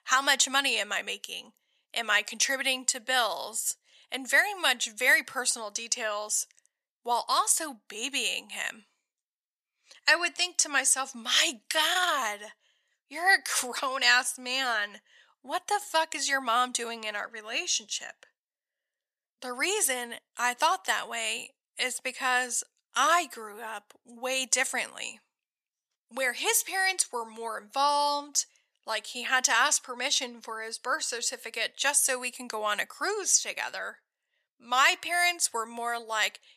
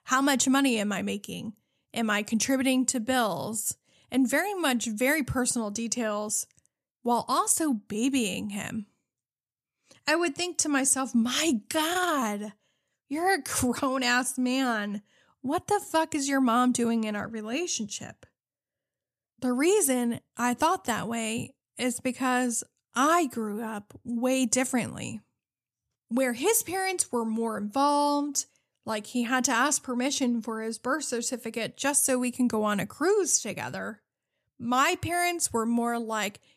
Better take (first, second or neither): second